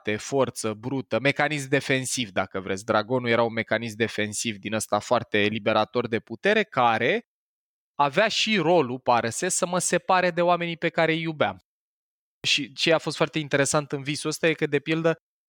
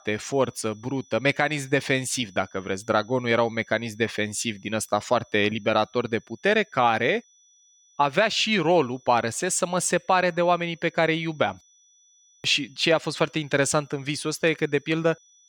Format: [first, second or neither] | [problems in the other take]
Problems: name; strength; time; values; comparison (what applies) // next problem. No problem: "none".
first | high-pitched whine; faint; throughout; 6 kHz, 30 dB below the speech